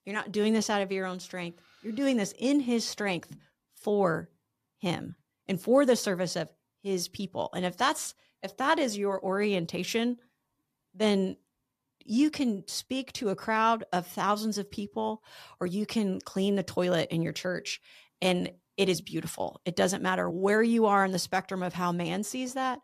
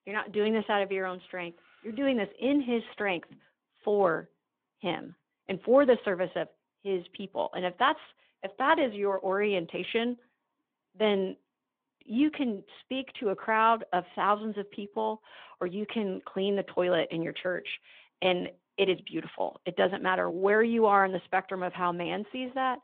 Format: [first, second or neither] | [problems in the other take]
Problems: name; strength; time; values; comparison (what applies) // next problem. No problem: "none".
first | phone-call audio